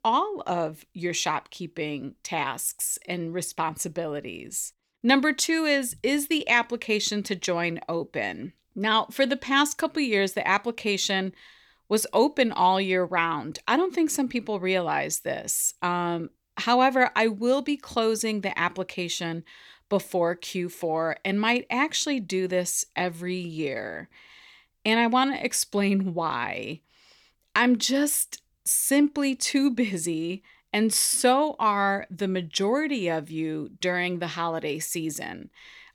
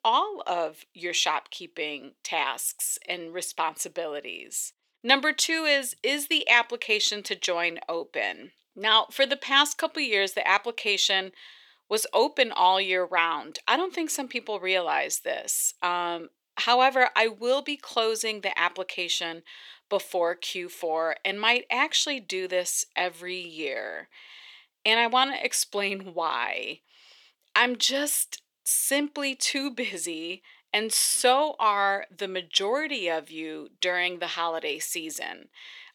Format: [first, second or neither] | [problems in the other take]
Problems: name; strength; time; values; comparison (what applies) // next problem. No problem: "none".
first | thin; somewhat; fading below 500 Hz